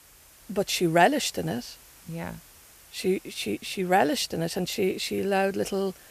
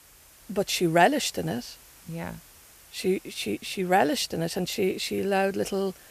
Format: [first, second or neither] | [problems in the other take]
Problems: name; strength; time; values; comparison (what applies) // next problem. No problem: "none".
neither | hiss; faint; throughout; 25 dB below the speech; the same in both